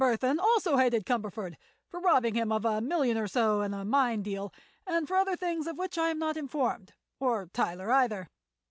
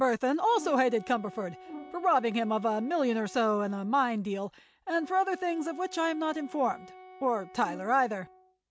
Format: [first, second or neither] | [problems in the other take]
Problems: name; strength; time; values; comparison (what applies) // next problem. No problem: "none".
first | background sound (Wind instrument, woodwind instrument + Brass instrument); 19 dB below the speech